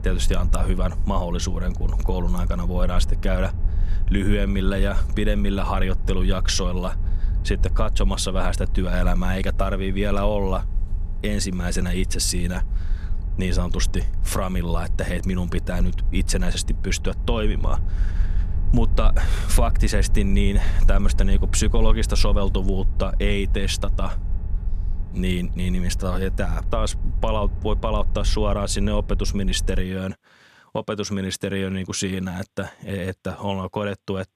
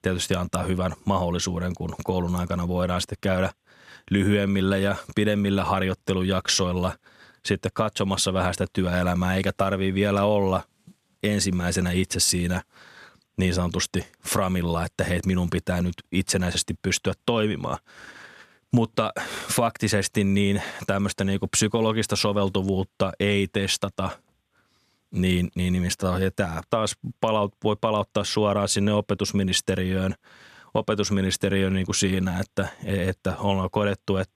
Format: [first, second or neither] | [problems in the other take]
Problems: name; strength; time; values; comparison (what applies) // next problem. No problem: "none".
second | low rumble; noticeable; until 30 s; 15 dB below the speech